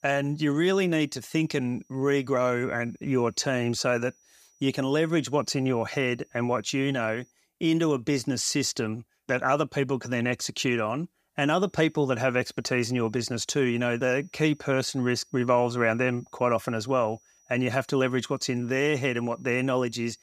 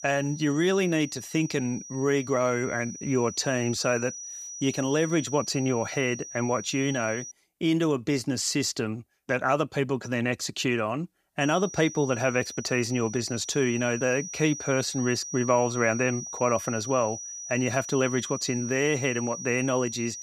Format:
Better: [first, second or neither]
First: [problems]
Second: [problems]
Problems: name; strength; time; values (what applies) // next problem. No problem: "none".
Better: first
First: high-pitched whine; faint; until 7.5 s and from 11 s on; 6 kHz, 35 dB below the speech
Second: high-pitched whine; loud; until 7.5 s and from 11 s on; 6 kHz, 10 dB below the speech